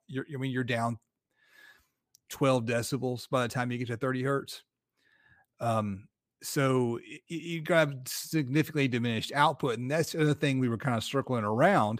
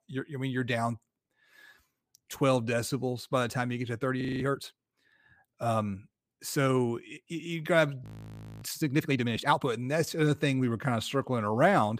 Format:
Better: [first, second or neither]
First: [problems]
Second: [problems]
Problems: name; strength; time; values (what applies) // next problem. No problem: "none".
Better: first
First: none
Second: audio freezing; at 4 s and at 8 s for 0.5 s